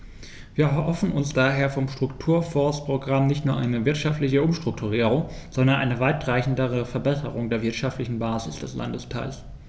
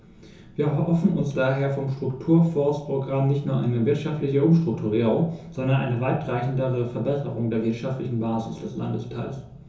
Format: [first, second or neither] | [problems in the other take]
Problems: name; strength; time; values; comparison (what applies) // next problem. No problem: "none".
first | room echo; dies away in 0.6 s